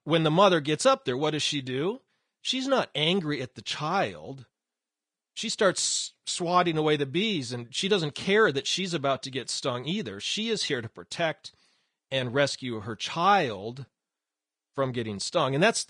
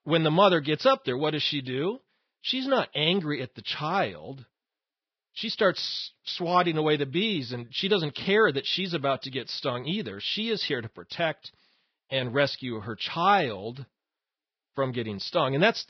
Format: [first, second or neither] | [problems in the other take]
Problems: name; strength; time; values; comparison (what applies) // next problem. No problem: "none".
first | garbled, watery; badly; nothing above 5.5 kHz; slightly in the first